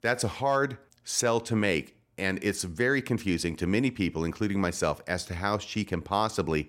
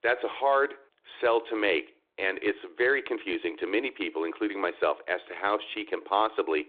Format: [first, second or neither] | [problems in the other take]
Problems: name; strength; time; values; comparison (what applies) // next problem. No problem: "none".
first | phone-call audio